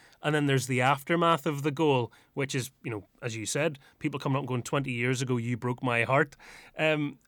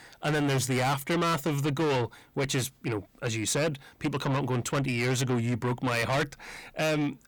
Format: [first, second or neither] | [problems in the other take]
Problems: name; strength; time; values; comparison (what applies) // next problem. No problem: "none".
first | distortion; heavy; 5 dB below the speech